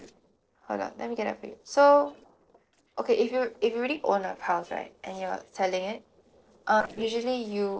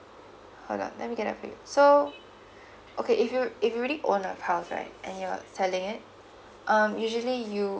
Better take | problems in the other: second | noise reduction (neural separator model SepFormer DNS4)

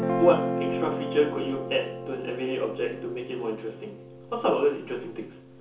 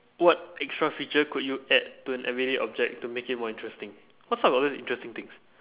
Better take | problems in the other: second | background sound (Guitar); 4 dB below the speech // room echo; dies away in 0.7 s

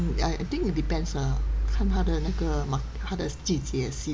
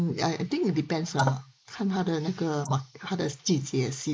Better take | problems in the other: first | noise reduction (neural mask model Resemble Enhance denoiser)

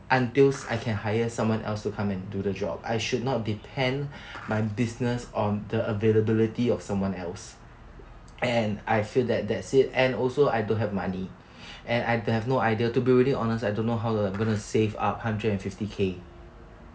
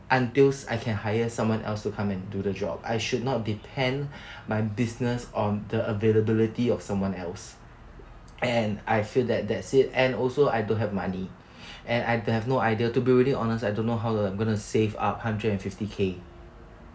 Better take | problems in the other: second | background sound (Skateboard); 19 dB below the speech

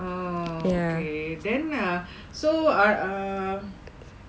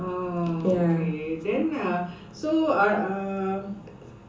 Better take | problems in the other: first | room echo; dies away in 0.8 s

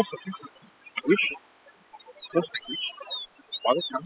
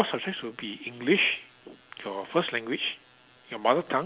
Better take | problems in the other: second | noise reduction (classical method spectral subtraction)

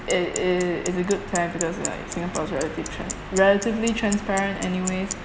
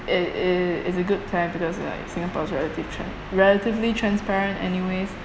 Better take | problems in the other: second | background sound (Bicycle); 12 dB below the speech

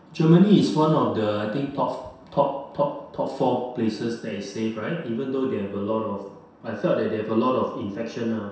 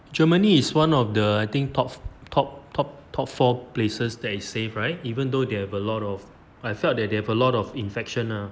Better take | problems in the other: second | room echo; dies away in 0.7 s

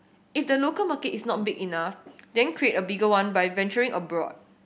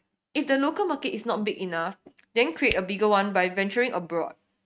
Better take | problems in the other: first | noise reduction (neural mask model RNNoise)

